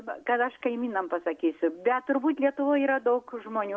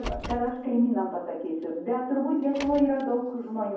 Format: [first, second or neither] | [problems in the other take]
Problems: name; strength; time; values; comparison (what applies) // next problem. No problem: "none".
first | background sound (Car); 15 dB below the speech // room echo; dies away in 0.9 s